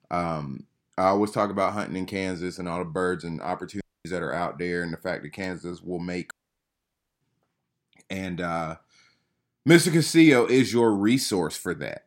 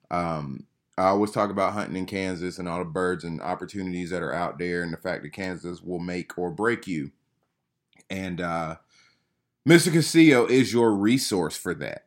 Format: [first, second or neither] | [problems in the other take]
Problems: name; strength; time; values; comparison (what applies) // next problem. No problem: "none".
second | audio cutting out; at 4 s and at 6.5 s for 1 s